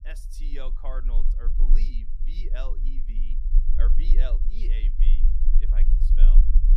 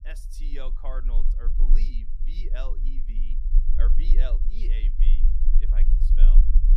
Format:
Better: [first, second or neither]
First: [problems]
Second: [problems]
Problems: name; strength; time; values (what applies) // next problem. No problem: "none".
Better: neither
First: low rumble; loud; throughout; 6 dB below the speech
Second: low rumble; loud; throughout; 6 dB below the speech